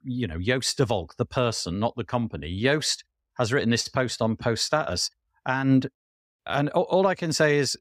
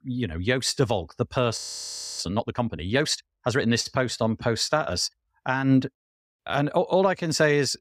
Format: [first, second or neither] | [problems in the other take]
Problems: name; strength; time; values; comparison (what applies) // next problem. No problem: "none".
first | audio freezing; at 1.5 s for 0.5 s